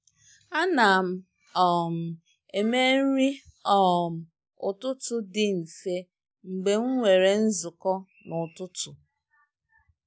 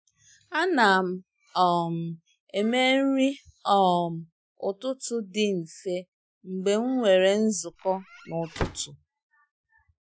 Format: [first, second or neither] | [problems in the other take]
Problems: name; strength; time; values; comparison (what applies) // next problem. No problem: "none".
first | noise reduction (classical method Wiener filter)